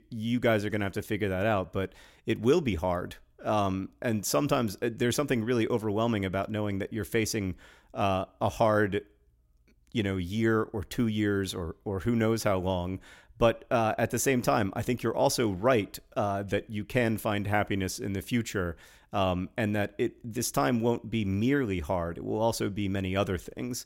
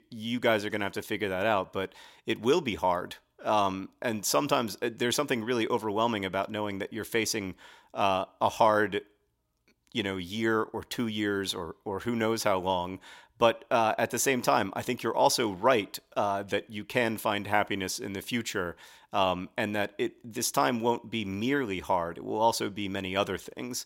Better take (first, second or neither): first